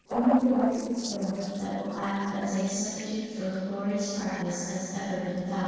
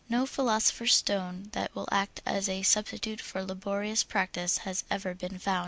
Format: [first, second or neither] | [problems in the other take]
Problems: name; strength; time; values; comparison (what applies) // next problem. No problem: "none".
second | noise reduction (neural separator model SepFormer DNS4)